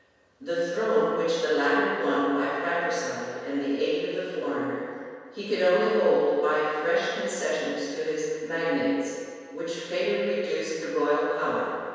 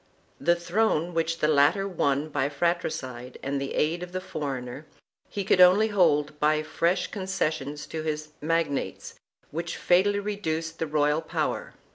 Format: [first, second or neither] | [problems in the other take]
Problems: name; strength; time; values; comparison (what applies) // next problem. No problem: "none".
second | room echo; dies away in 1.9 s